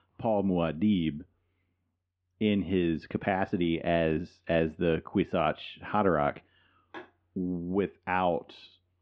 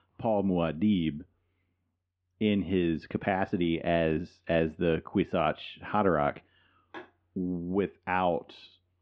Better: neither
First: muffled; very; fading above 3 kHz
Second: muffled; very; fading above 3 kHz

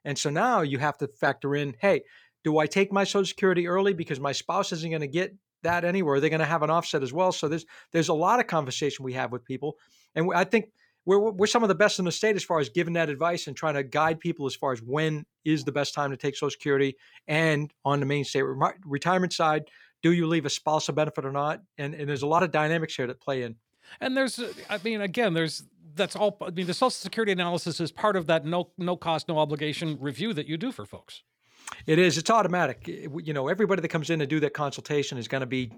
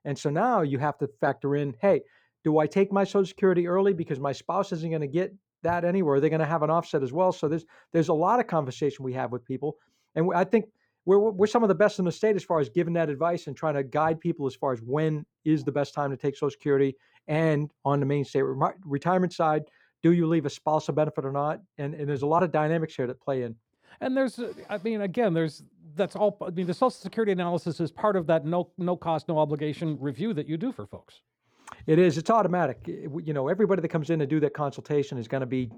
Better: first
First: none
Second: muffled; slightly; fading above 1.5 kHz

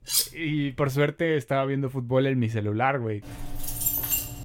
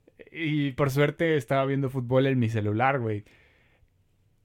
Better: second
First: clattering dishes; loud; at the start; peak 2 dB above the speech // jangling keys; loud; from 3.5 s on; peak 3 dB above the speech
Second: none

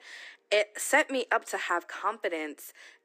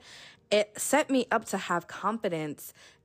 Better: second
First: thin; somewhat; fading below 300 Hz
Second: none

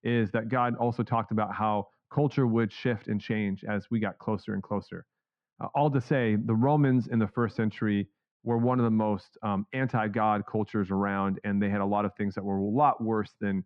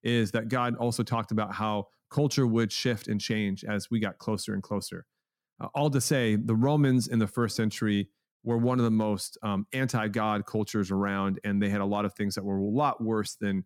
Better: second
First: muffled; very; fading above 2.5 kHz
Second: none

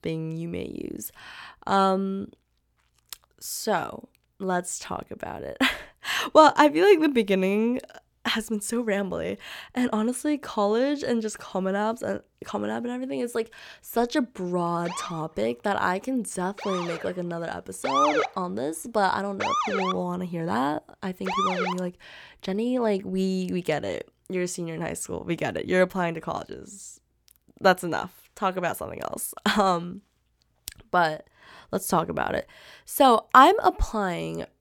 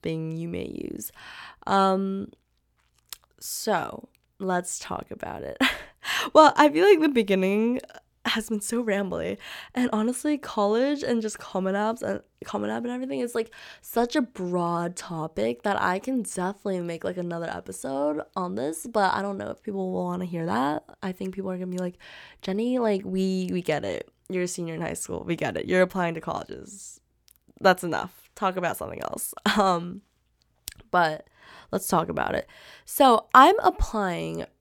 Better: second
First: siren; loud; from 15 to 22 s; peak 3 dB above the speech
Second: none

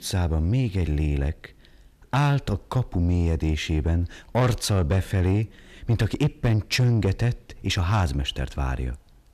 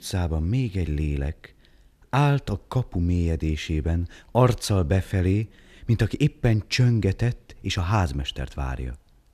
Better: second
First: distortion; slight; 10 dB below the speech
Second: none

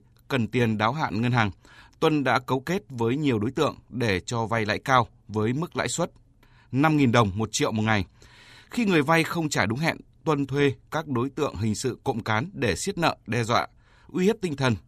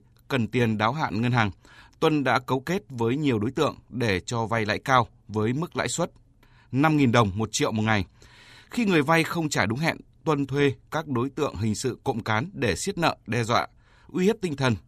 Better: neither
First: none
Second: none

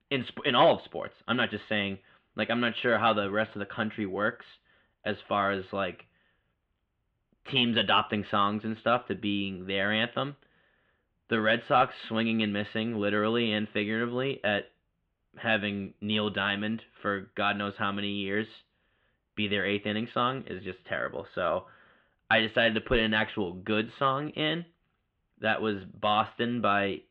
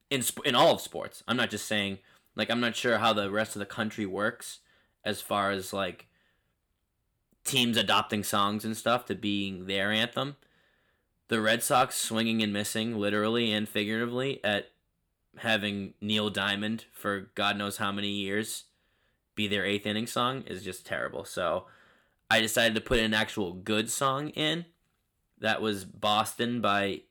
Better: second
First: muffled; very; fading above 3 kHz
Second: none

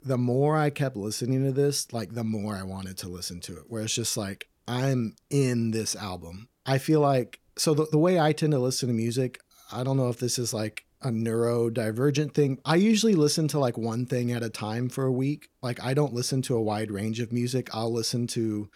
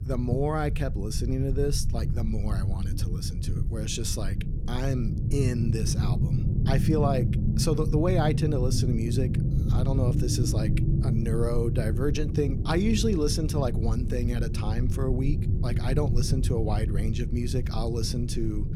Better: first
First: none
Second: low rumble; loud; throughout; 7 dB below the speech

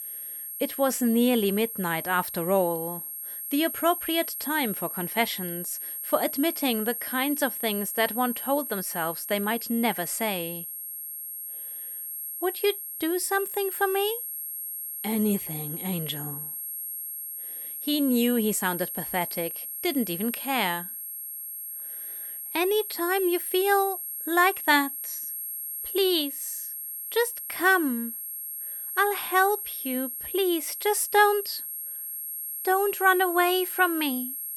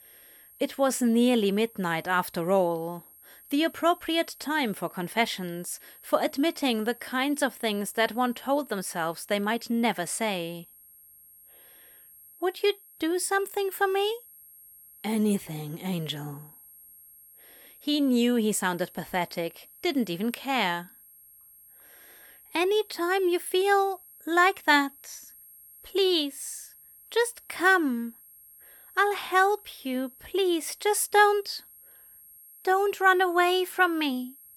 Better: second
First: high-pitched whine; loud; throughout; 11.5 kHz, 6 dB below the speech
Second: high-pitched whine; faint; throughout; 11.5 kHz, 25 dB below the speech

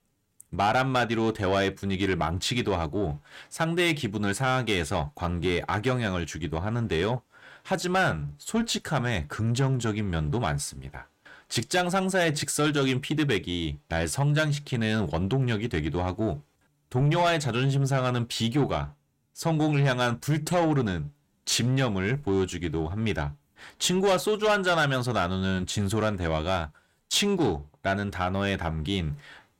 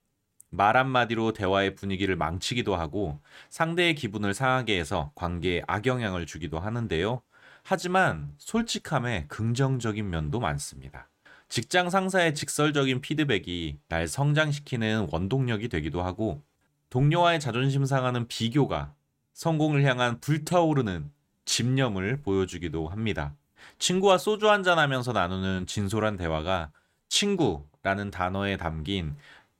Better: second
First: distortion; slight; 10 dB below the speech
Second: none

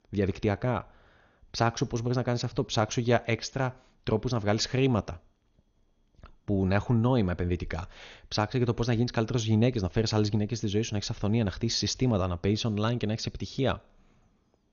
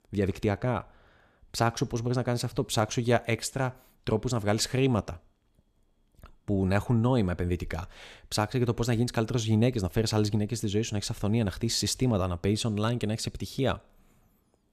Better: second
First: garbled, watery; slightly; nothing above 6.5 kHz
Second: none

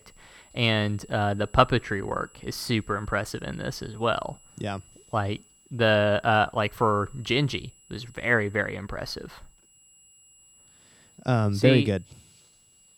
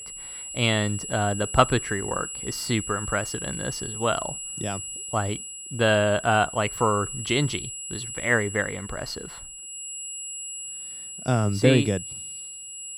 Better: first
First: high-pitched whine; faint; throughout; 7.5 kHz, 30 dB below the speech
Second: high-pitched whine; loud; throughout; 7.5 kHz, 8 dB below the speech

